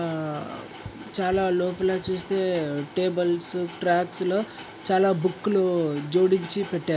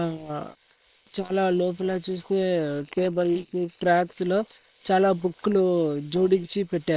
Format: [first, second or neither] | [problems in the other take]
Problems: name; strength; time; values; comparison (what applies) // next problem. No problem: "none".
first | noise reduction (neural separator model SepFormer WHAM!)